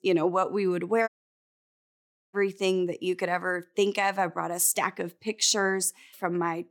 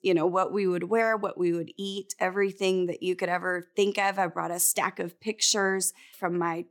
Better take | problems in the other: second | audio cutting out; at 1 s for 1.5 s

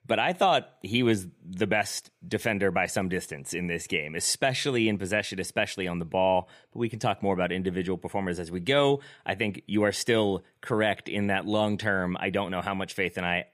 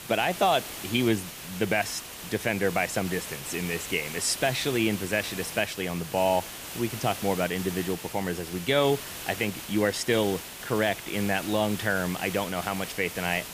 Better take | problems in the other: first | hiss; loud; throughout; 9 dB below the speech

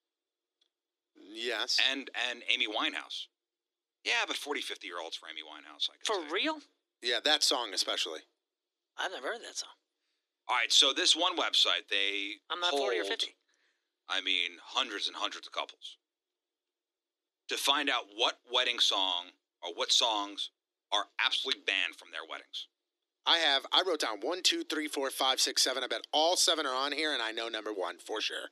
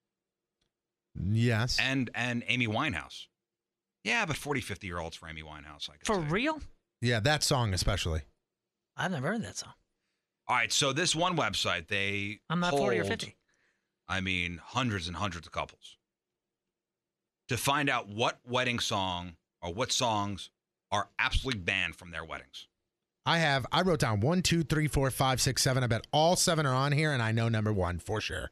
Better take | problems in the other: second | thin; very; fading below 300 Hz

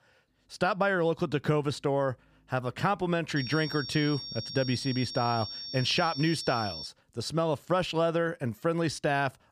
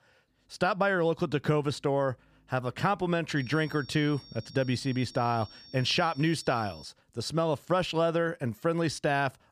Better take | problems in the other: second | high-pitched whine; loud; from 3.5 to 7 s; 5.5 kHz, 8 dB below the speech; faint in the second

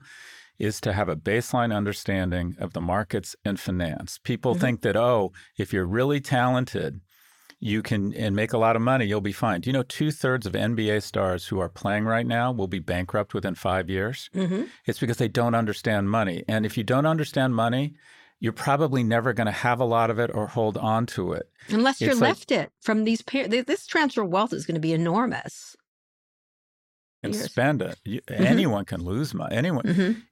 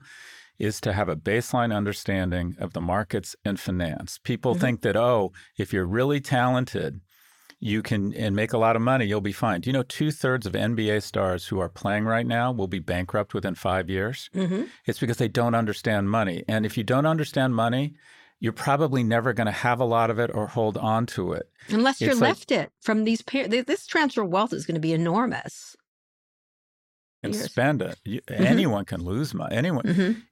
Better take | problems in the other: neither | audio cutting out; at 26 s for 1.5 s; the same in both

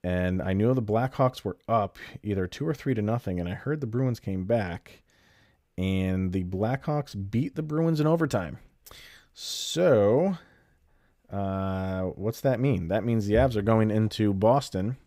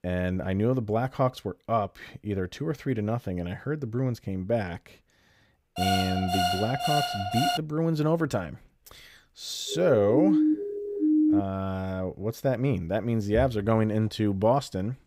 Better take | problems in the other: first | alarm; loud; from 6 to 7.5 s; peak 1 dB above the speech // siren; loud; from 9.5 to 11 s; peak 6 dB above the speech

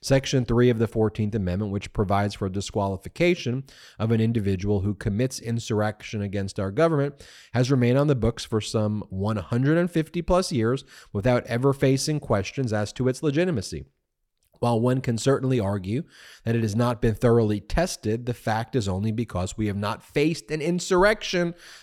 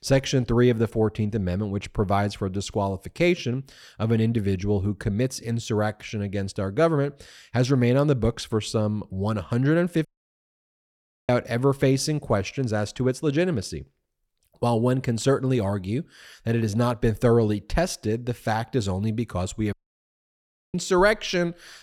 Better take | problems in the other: first | audio cutting out; at 10 s for 1 s and at 20 s for 1 s

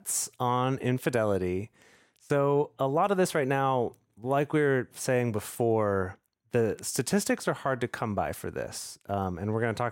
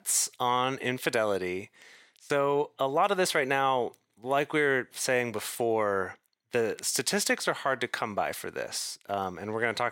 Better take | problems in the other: first | thin; somewhat; fading below 1 kHz

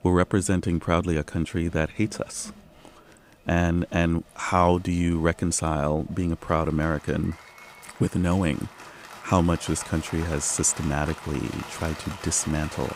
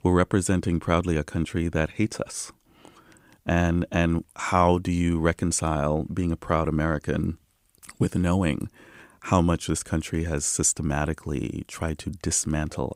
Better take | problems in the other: second | crowd noise; noticeable; throughout; 15 dB below the speech

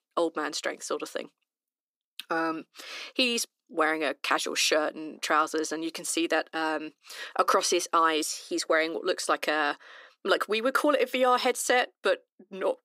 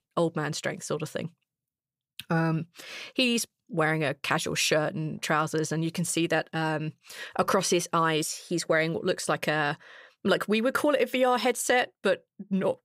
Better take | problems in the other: second | thin; somewhat; fading below 250 Hz

